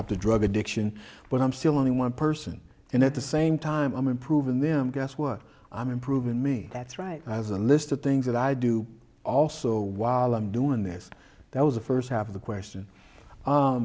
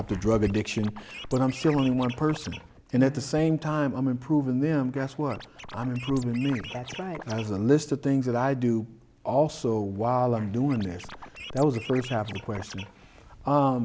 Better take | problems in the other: first | background sound (Scratching (performance technique)); 16 dB below the speech

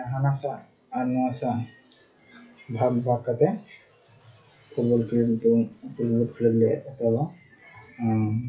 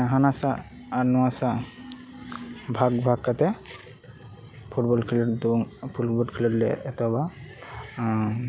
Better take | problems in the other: second | noise reduction (classical method WPE with log-MMSE)

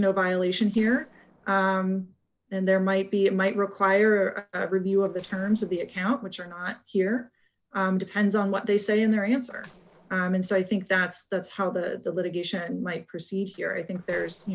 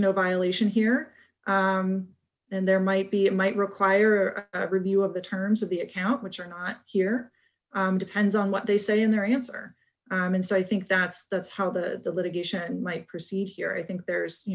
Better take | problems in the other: second | noise reduction (neural separator model SepFormer DNS4)

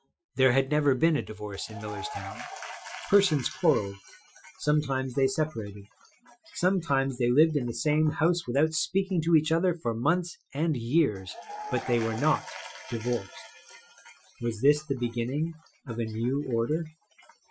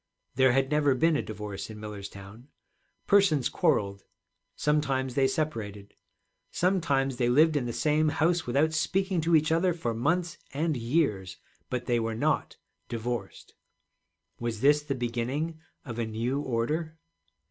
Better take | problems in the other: second | noise reduction (classical method Wiener filter)

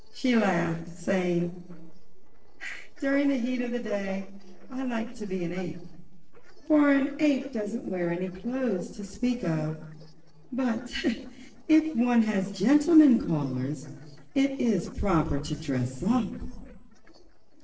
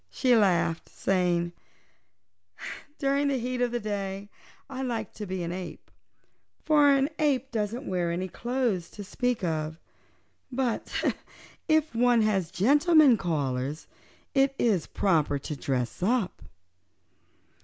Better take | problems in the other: second | noise reduction (neural separator model SepFormer DNS4)

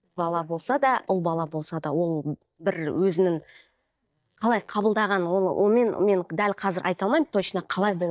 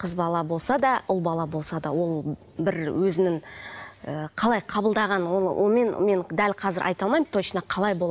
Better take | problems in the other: second | noise reduction (neural mask model DeepFilterNet 3)

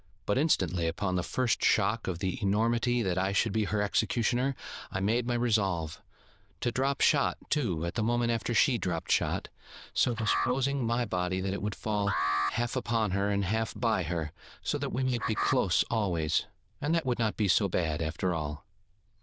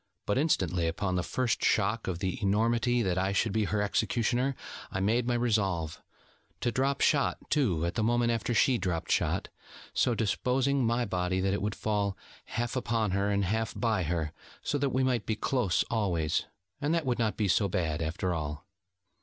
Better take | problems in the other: second | noise reduction (neural diffusion model UNIVERSE++)

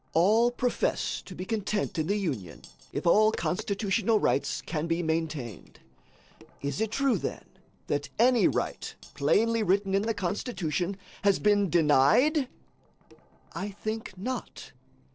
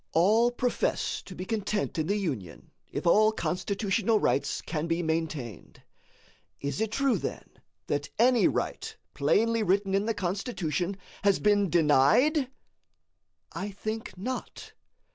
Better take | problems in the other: second | noise reduction (neural separator model SepFormer DNS4)

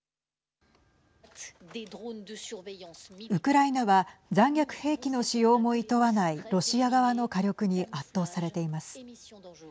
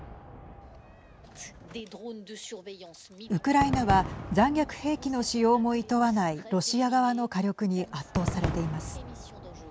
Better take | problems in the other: first | background sound (Crowd / Cheering / Fireworks); 10 dB below the speech

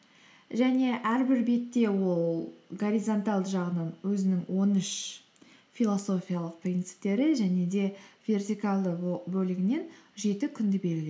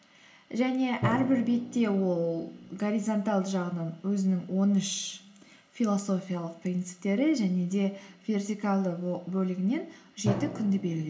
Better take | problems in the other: first | background sound (Drum); 13 dB below the speech // room echo; dies away in 0.3 s

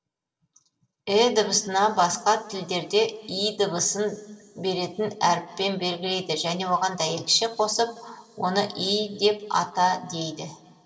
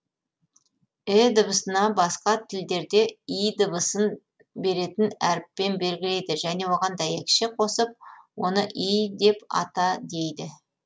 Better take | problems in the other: second | room echo; dies away in 2.1 s

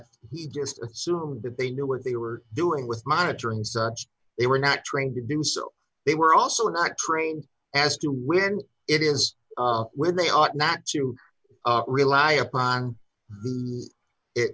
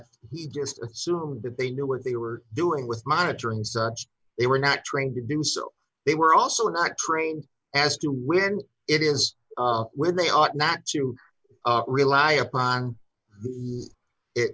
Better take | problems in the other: first | noise reduction (neural mask model Resemble Enhance denoiser)

